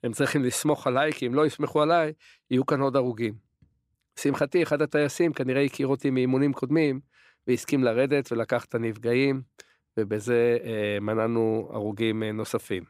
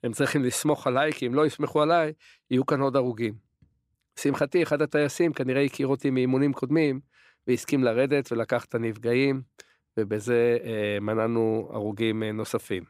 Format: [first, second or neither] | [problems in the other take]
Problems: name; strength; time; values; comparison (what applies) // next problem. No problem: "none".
neither | none